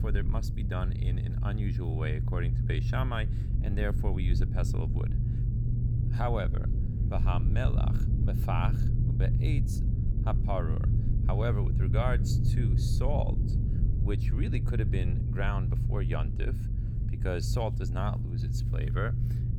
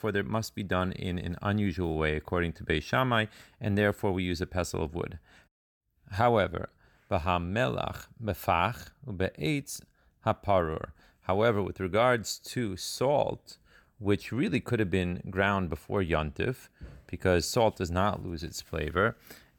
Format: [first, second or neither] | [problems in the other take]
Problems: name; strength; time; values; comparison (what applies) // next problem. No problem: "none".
second | low rumble; loud; throughout; 5 dB below the speech